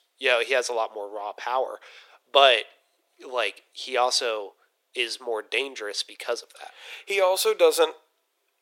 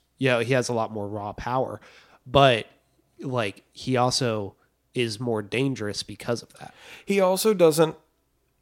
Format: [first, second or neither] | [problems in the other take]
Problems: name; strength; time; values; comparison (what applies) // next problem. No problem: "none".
second | thin; very; fading below 400 Hz